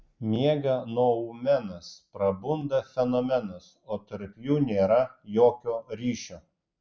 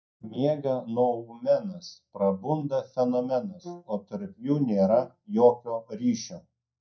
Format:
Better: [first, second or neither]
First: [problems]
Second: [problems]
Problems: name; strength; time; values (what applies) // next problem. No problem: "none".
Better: first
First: none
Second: noise reduction (neural mask model DeepFilterNet 3)